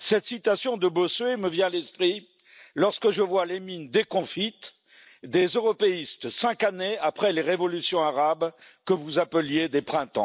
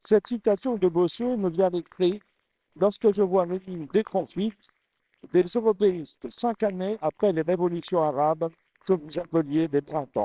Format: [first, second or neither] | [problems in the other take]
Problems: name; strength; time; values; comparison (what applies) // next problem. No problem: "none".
first | noise reduction (neural separator model SepFormer WHAMR!)